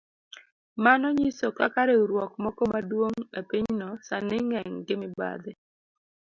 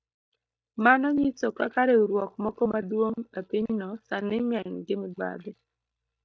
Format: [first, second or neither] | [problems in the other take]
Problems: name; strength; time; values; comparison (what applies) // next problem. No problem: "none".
first | noise reduction (neural mask model DeepFilterNet 3)